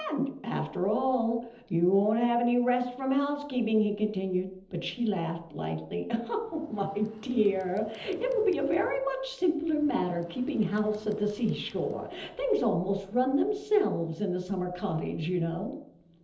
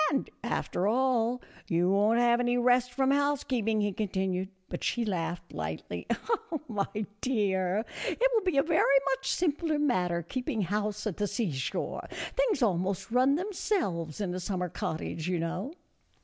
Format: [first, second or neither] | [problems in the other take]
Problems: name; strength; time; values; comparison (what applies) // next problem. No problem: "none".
second | noise reduction (neural separator model SepFormer DNS4)